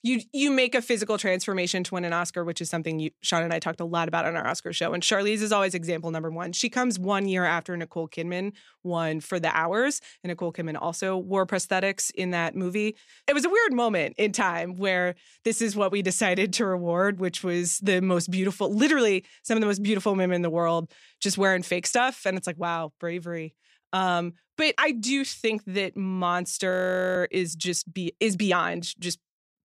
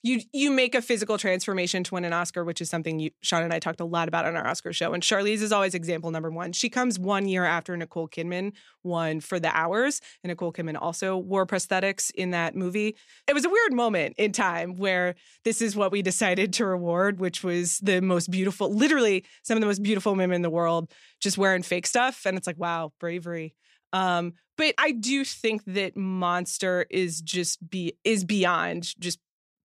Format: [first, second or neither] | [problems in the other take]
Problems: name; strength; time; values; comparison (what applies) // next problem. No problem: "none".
second | audio freezing; at 27 s